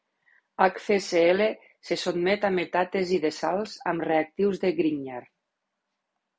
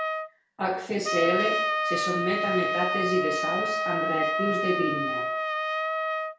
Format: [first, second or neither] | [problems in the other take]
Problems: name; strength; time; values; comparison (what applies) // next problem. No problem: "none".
first | background sound (Trumpet); 2 dB above the speech // room echo; dies away in 0.5 s